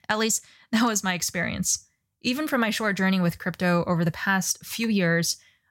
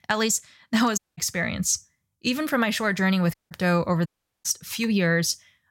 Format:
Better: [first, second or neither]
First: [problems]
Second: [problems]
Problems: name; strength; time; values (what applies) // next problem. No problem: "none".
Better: first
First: none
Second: audio cutting out; at 1 s, at 3.5 s and at 4 s